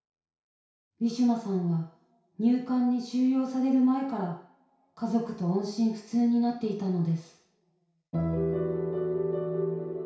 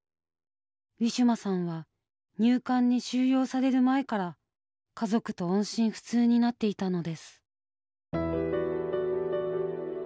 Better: second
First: room echo; dies away in 0.6 s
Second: none

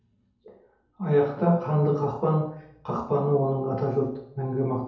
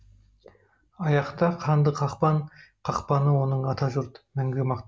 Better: second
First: room echo; dies away in 2.2 s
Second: none

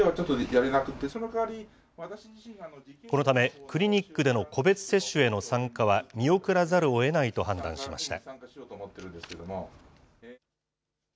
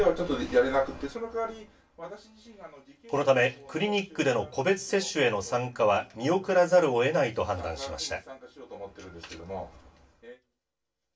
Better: first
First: none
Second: room echo; dies away in 0.2 s

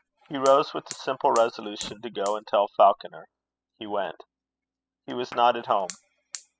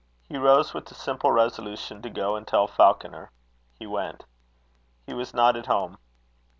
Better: second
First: noise reduction (classical method spectral subtraction)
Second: none

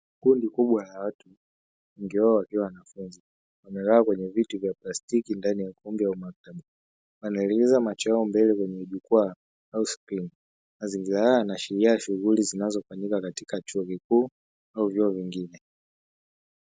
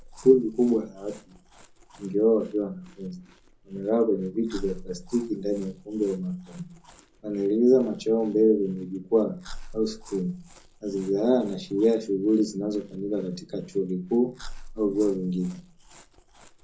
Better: first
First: none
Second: background sound (Chewing, mastication); 19 dB below the speech // room echo; dies away in 0.4 s

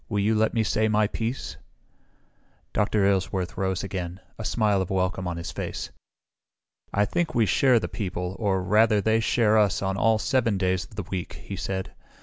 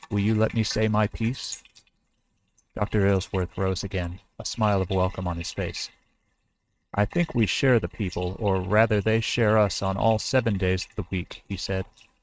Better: first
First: none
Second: noise reduction (neural mask model RNNoise)

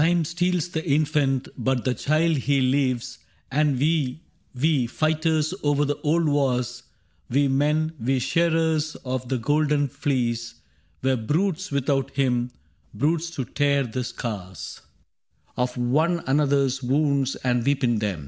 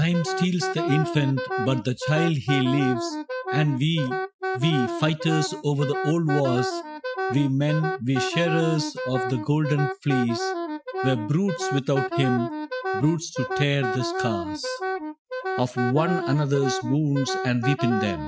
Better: first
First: none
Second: noise reduction (classical method Wiener filter)

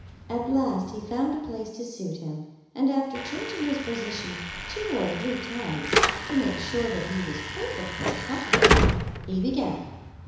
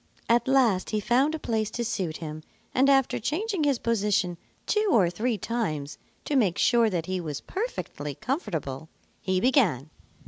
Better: second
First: background sound (Slam / Alarm); 1 dB above the speech // room echo; dies away in 1 s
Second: none

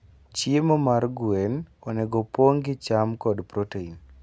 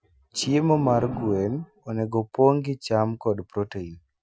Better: first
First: none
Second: noise reduction (classical method Wiener filter)

